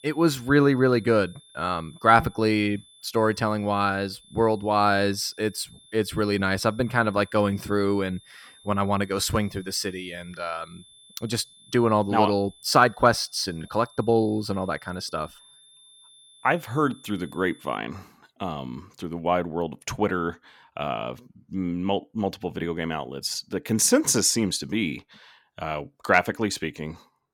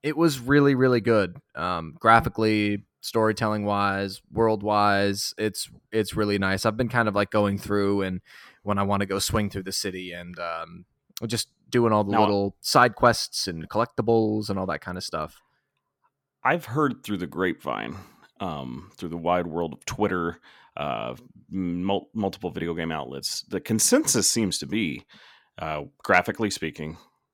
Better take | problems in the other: second | high-pitched whine; faint; until 18 s; 3.5 kHz, 25 dB below the speech

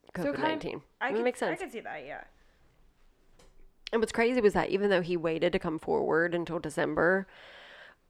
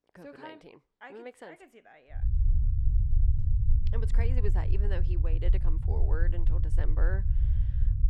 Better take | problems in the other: first | low rumble; loud; from 2 s on; 5 dB below the speech

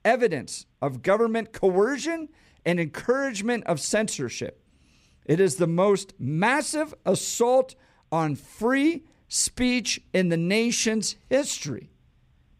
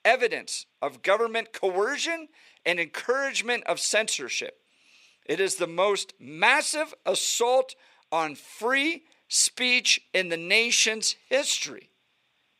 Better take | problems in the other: first | thin; somewhat; fading below 500 Hz

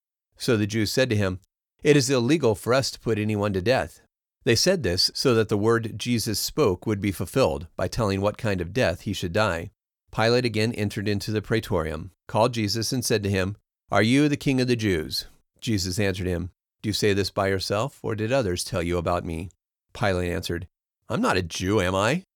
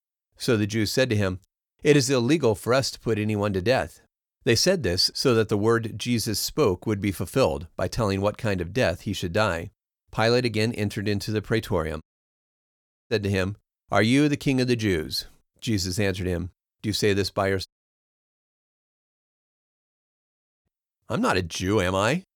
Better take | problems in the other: first | audio cutting out; at 12 s for 1 s and at 18 s for 3 s

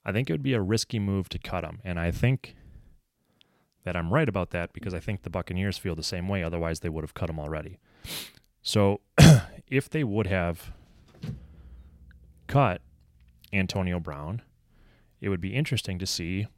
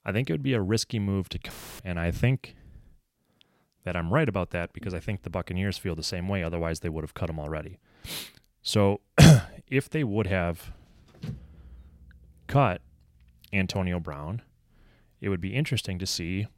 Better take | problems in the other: first | audio cutting out; filled with static; at 1.5 s

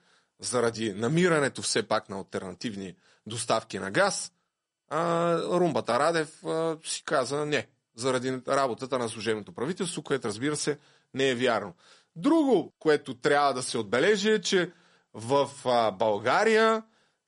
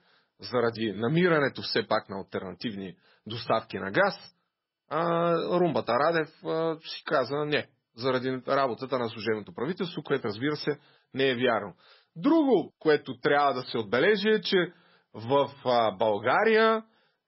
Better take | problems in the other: first | garbled, watery; badly; nothing above 5.5 kHz; slightly in the first

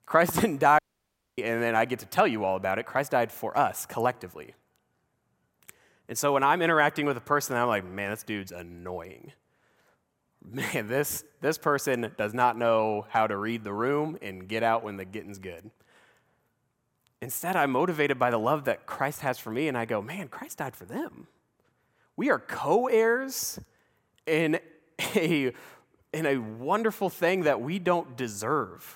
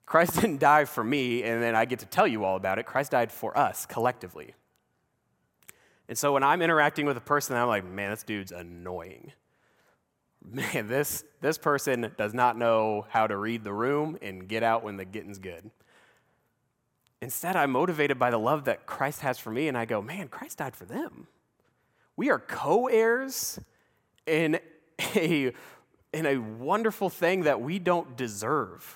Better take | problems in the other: second | audio cutting out; at 1 s for 0.5 s

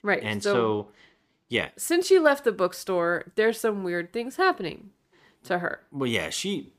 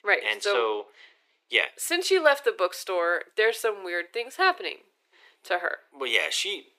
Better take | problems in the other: first | thin; very; fading below 400 Hz

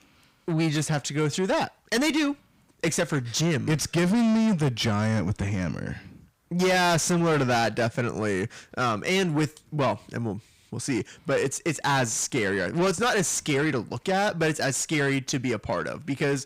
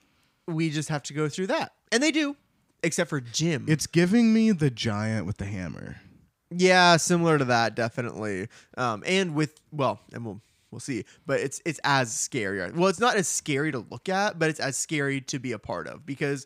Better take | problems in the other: second | distortion; heavy; 6 dB below the speech

